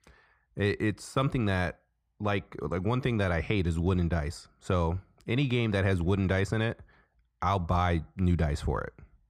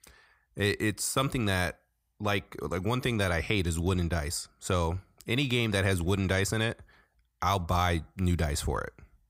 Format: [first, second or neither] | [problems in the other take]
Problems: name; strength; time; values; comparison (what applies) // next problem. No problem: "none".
second | muffled; slightly; fading above 2 kHz